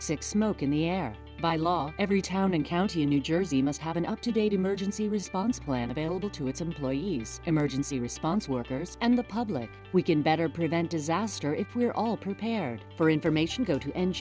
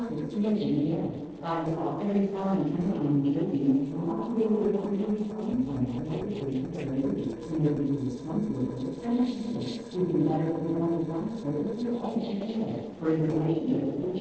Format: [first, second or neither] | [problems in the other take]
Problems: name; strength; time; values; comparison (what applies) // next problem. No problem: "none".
first | noise reduction (neural separator model SepFormer DNS4)